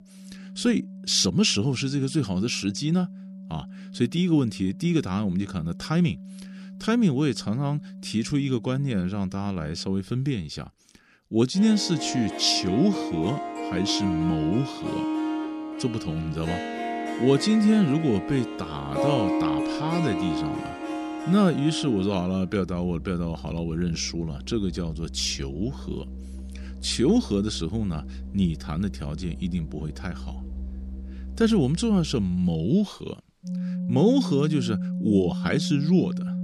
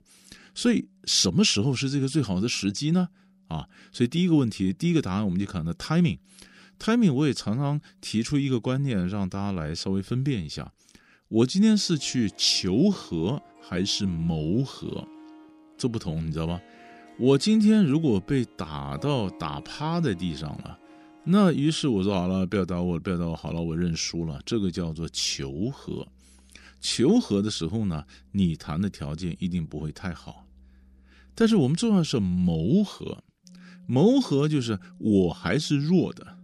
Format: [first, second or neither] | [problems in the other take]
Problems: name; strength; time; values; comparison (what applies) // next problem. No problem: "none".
second | background music; loud; throughout; 8 dB below the speech; faint in the second